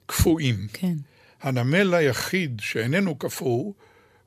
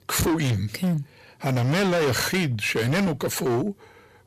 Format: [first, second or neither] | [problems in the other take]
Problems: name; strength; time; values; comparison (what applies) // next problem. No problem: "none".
first | distortion; heavy; 22% of the sound clipped